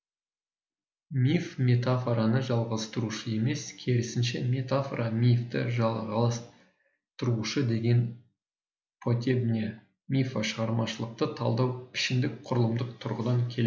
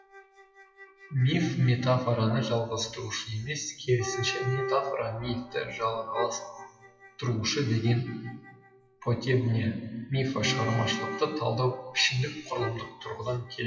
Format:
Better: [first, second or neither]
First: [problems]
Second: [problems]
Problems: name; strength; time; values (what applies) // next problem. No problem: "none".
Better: first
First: none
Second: noise reduction (classical method WPE with log-MMSE)